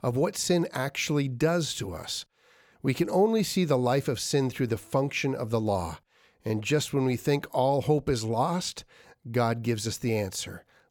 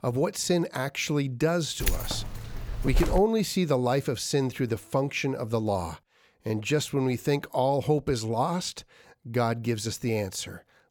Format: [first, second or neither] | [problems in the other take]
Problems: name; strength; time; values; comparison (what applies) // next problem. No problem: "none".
first | jangling keys; noticeable; from 2 to 3 s; peak 3 dB below the speech